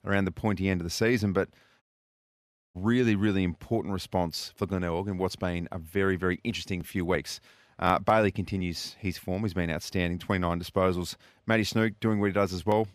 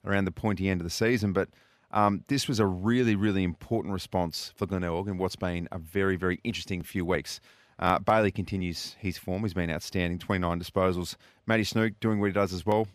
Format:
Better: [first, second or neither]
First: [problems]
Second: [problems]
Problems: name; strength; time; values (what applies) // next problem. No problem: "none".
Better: second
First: audio cutting out; at 2 s for 1 s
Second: none